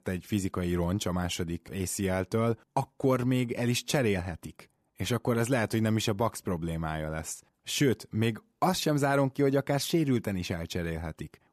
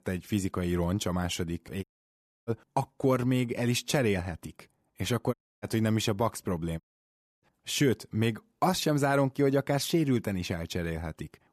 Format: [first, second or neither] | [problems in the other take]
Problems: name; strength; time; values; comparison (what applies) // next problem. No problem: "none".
first | audio cutting out; at 2 s for 0.5 s, at 5.5 s and at 7 s for 0.5 s